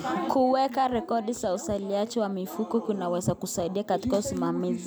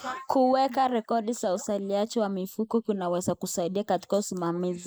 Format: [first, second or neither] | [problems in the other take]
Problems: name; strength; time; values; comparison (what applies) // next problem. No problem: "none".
first | noise reduction (neural mask model Resemble Enhance denoiser)